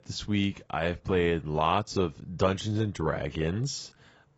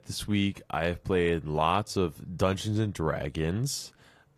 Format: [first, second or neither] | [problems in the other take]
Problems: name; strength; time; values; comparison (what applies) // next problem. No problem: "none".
second | garbled, watery; badly; nothing above 7.5 kHz; slightly in the second